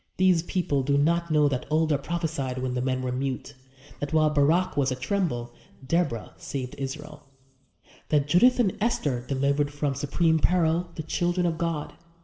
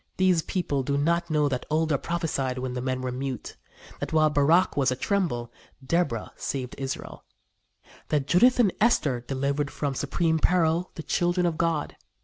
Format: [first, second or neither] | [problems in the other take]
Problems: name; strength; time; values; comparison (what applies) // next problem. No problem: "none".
second | room echo; dies away in 1.5 s